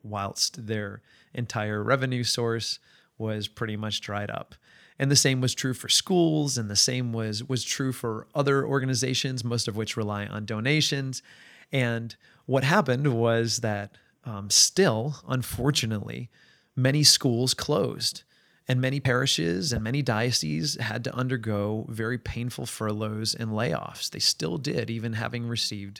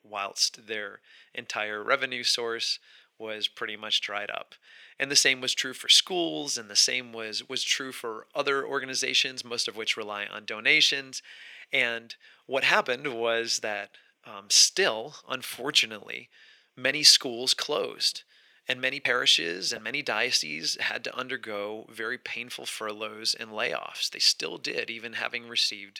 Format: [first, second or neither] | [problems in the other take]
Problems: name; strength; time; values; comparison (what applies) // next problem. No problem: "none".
first | thin; very; fading below 450 Hz